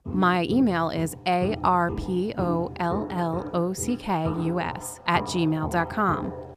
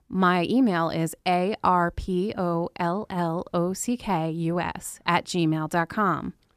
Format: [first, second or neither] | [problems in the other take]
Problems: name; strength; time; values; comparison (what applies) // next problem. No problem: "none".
second | footsteps; noticeable; peak 7 dB below the speech